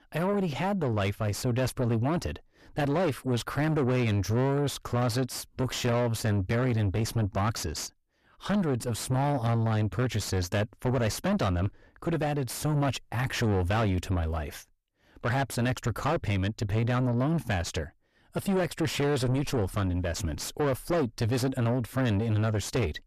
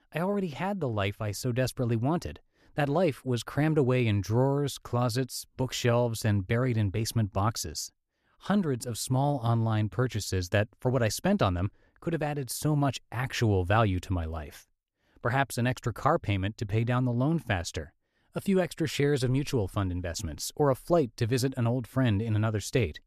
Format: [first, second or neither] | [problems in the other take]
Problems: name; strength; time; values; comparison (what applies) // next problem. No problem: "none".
second | distortion; heavy; 7 dB below the speech